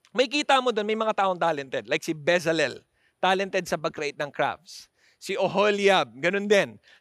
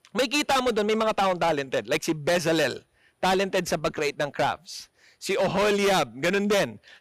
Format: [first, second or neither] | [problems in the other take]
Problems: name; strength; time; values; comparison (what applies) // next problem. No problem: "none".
first | distortion; heavy; 15% of the sound clipped